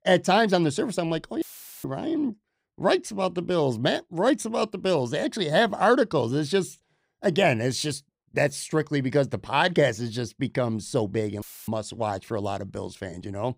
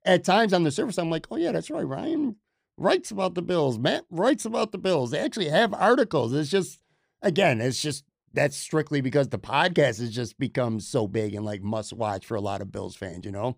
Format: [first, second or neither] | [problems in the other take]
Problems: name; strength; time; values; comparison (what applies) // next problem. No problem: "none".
second | audio cutting out; filled with static; at 1.5 s and at 11 s